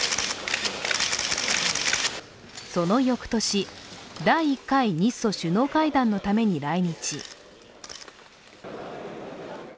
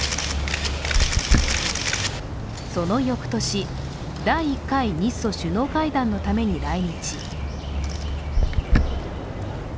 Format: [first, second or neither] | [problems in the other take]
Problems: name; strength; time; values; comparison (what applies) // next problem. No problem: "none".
first | background sound (Bird); 1 dB above the speech